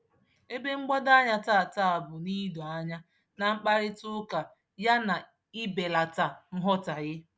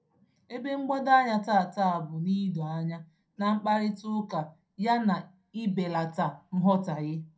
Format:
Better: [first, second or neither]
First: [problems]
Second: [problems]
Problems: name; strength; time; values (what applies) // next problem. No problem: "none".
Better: first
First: none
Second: room echo; dies away in 0.2 s